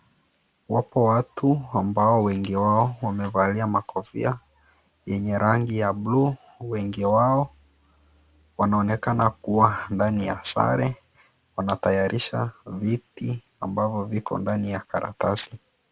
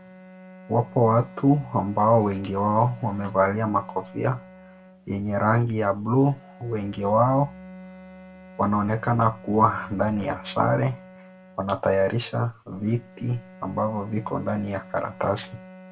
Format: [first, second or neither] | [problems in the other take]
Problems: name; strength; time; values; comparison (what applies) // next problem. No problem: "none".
first | background sound (Bowed string instrument); 20 dB below the speech // room echo; dies away in 0.2 s